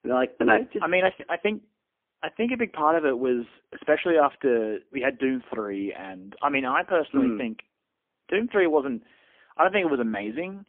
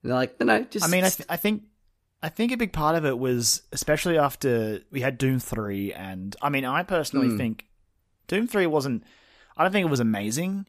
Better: second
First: phone-call audio; poor line; nothing above 3 kHz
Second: none

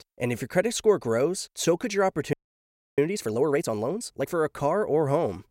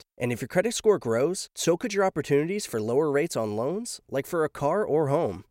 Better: second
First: audio freezing; at 2.5 s for 0.5 s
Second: none

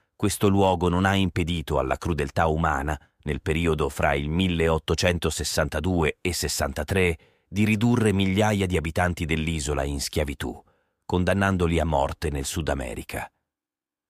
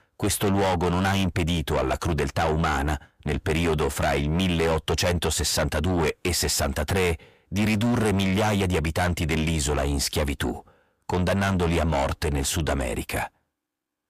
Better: first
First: none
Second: distortion; heavy; 6 dB below the speech

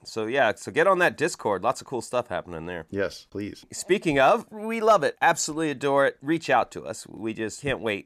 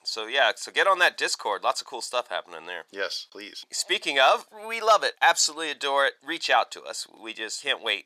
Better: first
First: none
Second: thin; very; fading below 700 Hz

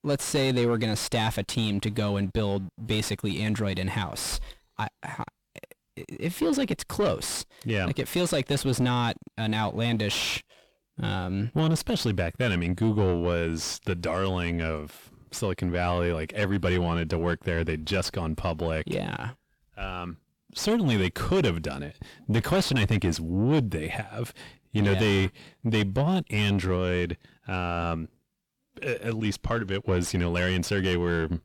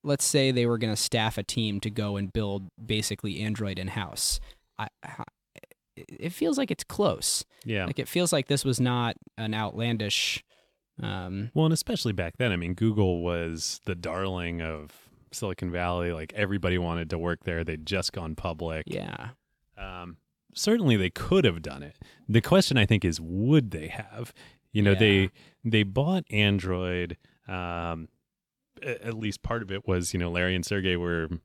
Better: second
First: distortion; heavy; 7 dB below the speech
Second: none

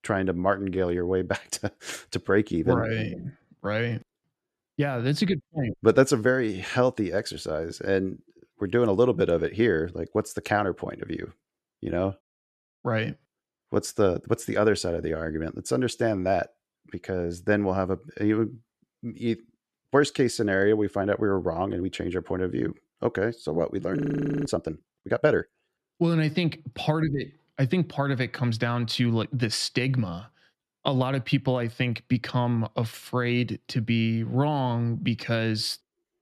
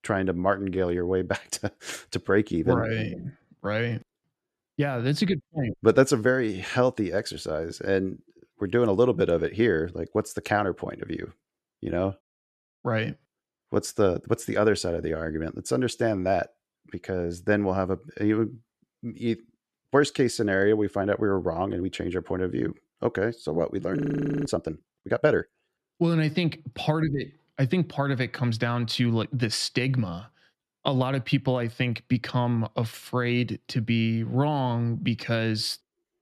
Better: neither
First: audio freezing; at 24 s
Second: audio freezing; at 24 s

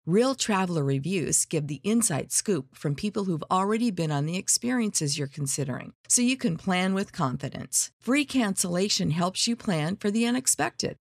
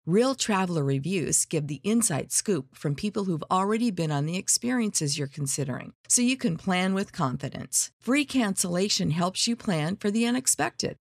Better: neither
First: none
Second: none

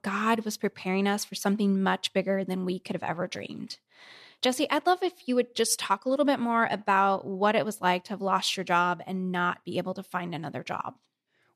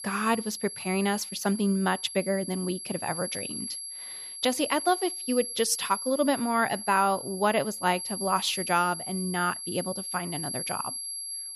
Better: first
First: none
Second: high-pitched whine; loud; throughout; 11 kHz, 6 dB below the speech

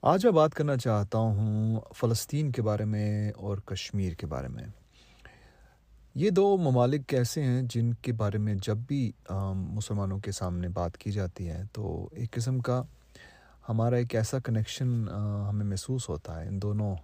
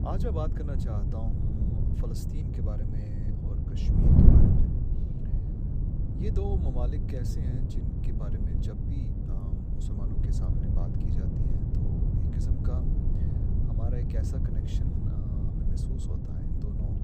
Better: first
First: none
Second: wind noise on the microphone; heavy; 4 dB above the speech

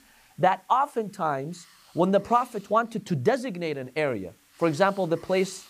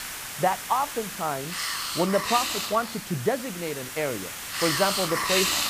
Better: first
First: hiss; faint; throughout; 30 dB below the speech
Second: hiss; loud; throughout; 1 dB below the speech

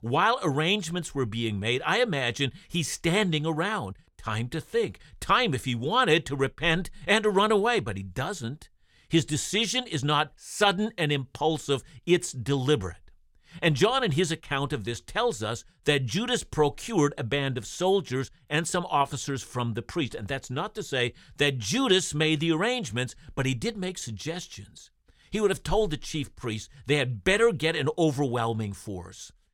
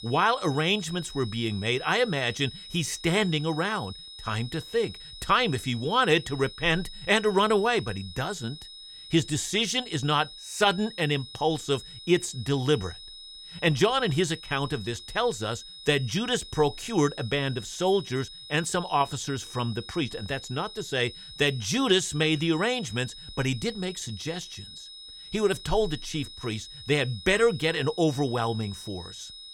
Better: first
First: none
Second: high-pitched whine; noticeable; throughout; 4 kHz, 15 dB below the speech

